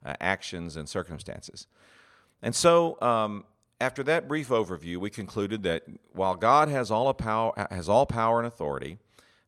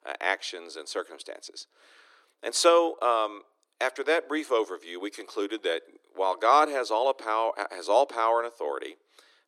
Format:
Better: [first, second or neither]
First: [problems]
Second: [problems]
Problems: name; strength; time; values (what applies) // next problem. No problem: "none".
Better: first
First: none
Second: thin; very; fading below 300 Hz